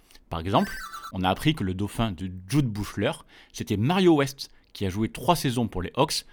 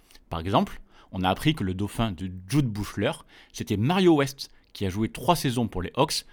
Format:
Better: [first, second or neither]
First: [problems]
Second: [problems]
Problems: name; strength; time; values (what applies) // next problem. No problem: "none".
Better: second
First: phone ringing; faint; at 0.5 s; peak 10 dB below the speech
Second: none